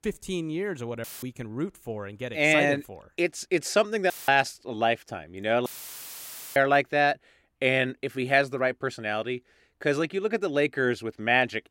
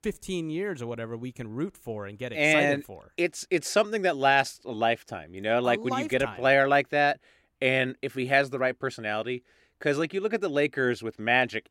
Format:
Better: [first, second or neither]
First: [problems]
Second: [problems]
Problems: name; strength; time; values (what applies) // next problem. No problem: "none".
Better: second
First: audio cutting out; filled with static; at 1 s, at 4 s and at 5.5 s for 1 s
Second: none